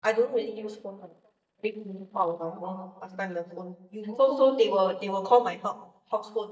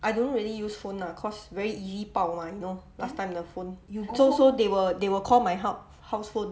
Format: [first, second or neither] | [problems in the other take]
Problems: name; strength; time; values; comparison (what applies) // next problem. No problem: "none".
second | noise reduction (neural mask model DeepFilterNet 3)